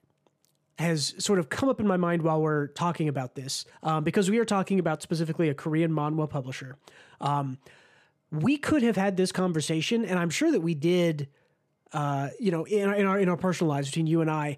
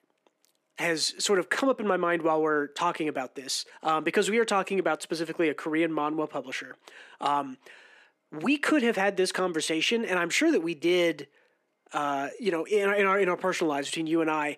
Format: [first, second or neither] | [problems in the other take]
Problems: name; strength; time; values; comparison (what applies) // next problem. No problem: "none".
first | thin; somewhat; fading below 250 Hz